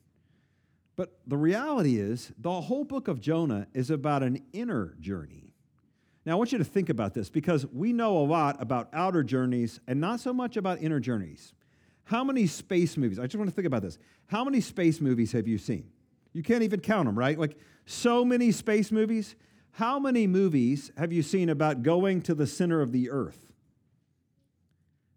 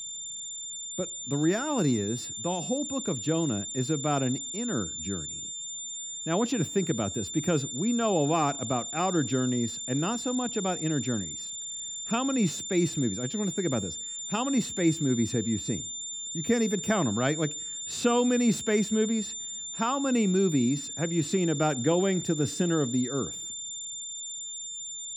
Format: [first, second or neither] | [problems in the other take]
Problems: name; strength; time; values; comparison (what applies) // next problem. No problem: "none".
first | high-pitched whine; loud; throughout; 7 kHz, 6 dB below the speech